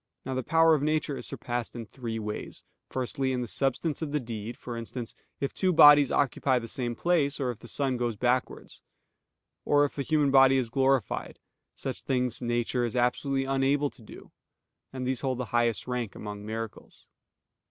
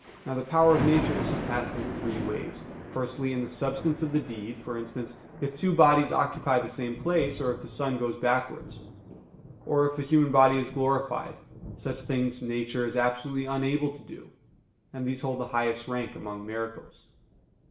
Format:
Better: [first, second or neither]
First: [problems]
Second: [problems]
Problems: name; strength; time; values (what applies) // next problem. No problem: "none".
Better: first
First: none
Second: background sound (Thunder); 11 dB below the speech // room echo; dies away in 0.6 s